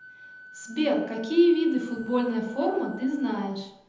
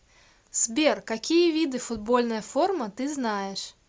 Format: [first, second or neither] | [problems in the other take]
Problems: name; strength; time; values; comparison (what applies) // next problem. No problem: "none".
second | background sound (Wind instrument, woodwind instrument); 20 dB below the speech // room echo; dies away in 0.8 s